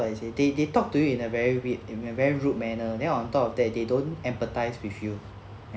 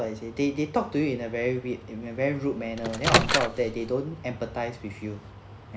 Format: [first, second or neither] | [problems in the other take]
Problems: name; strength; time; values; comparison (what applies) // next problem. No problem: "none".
first | background sound (Microwave oven); 3 dB above the speech